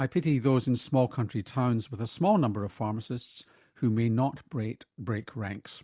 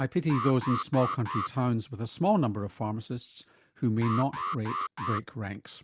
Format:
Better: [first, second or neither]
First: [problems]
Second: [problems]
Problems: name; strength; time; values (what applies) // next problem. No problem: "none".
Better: first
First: none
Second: background sound (Alarm); 6 dB below the speech